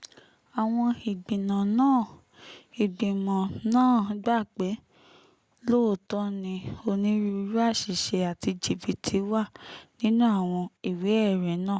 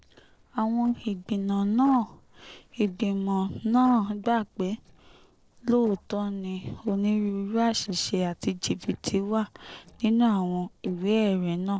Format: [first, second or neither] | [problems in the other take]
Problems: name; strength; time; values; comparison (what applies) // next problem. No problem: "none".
first | noise reduction (neural separator model SepFormer DNS4)